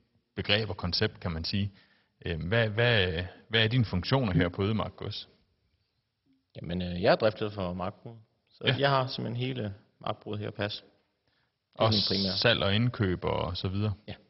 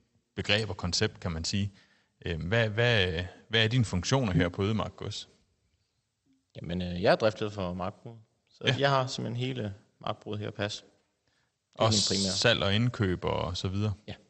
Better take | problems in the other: second | garbled, watery; badly; nothing above 5.5 kHz; slightly in the second

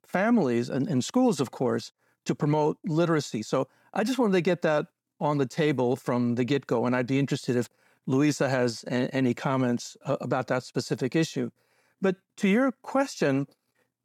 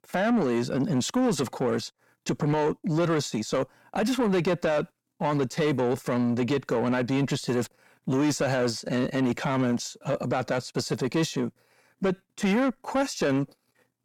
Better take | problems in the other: first | distortion; slight; 10 dB below the speech

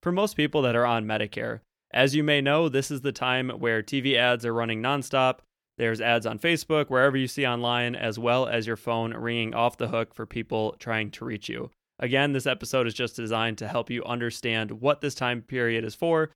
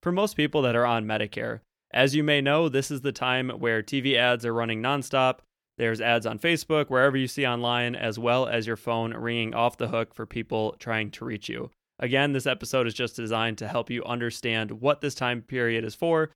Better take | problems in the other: neither | none

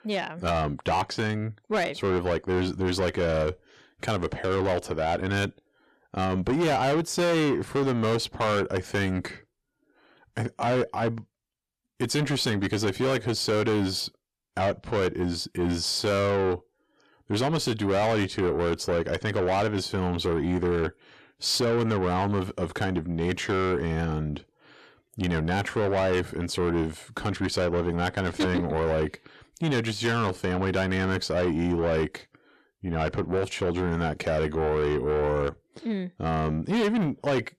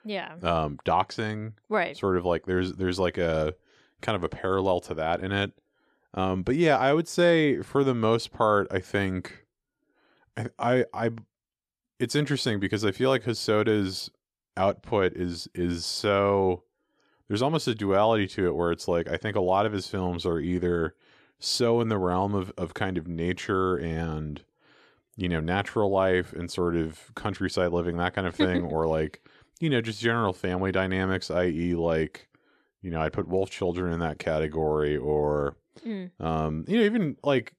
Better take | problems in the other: second | distortion; heavy; 7 dB below the speech

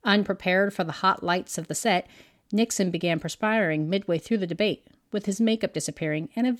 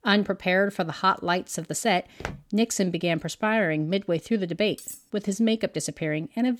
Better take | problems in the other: first | footsteps; faint; at 2 s; peak 10 dB below the speech // clattering dishes; faint; at 5 s; peak 15 dB below the speech

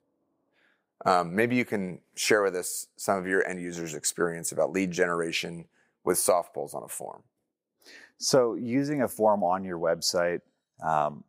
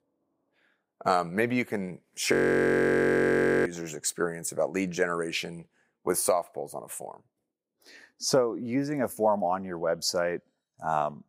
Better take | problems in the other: first | audio freezing; at 2.5 s for 1.5 s

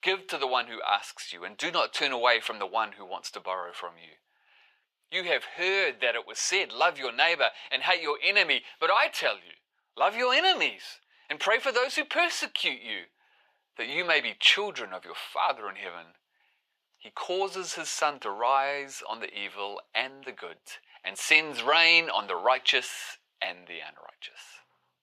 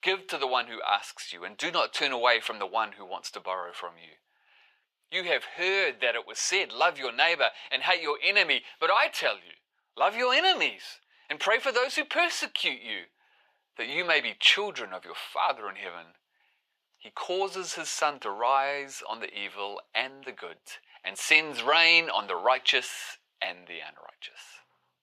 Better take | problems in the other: neither | thin; very; fading below 650 Hz; the same in both

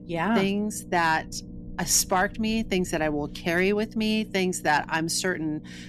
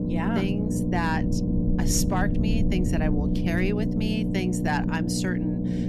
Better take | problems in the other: first | low rumble; loud; throughout; 2 dB below the speech; faint in the first

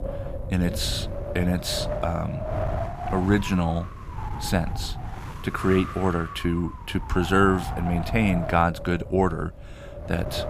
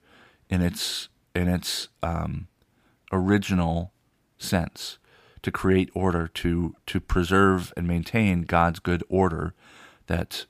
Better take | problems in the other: second | wind noise on the microphone; heavy; 8 dB below the speech

